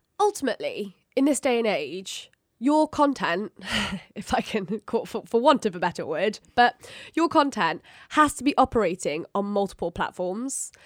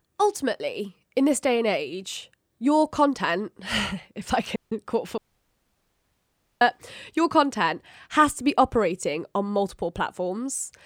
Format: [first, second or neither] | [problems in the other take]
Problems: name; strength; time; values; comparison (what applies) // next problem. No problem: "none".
first | audio cutting out; at 4.5 s and at 5 s for 1.5 s